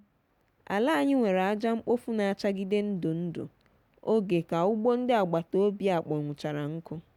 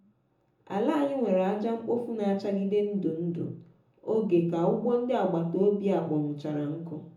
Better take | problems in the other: first | room echo; dies away in 0.5 s

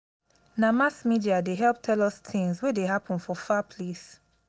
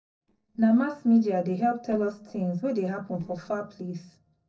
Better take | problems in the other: first | noise reduction (neural separator model SepFormer DNS4)

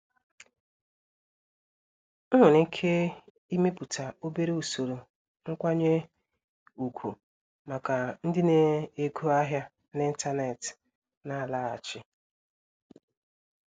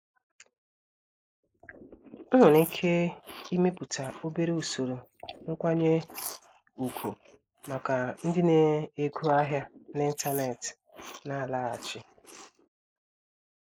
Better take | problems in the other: first | noise reduction (neural mask model Resemble Enhance denoiser)

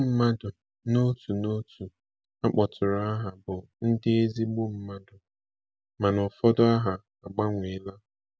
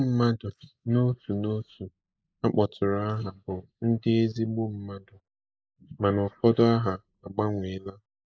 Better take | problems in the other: first | noise reduction (neural mask model Resemble Enhance denoiser)

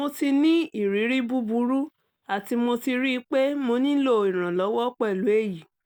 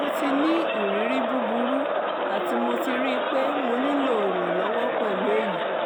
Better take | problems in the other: first | background sound (Crowd); 3 dB above the speech

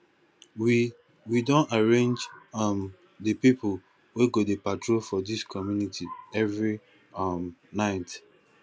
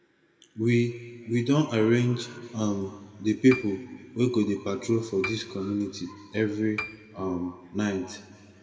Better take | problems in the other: first | background sound (Piano); 15 dB below the speech // room echo; dies away in 1.7 s

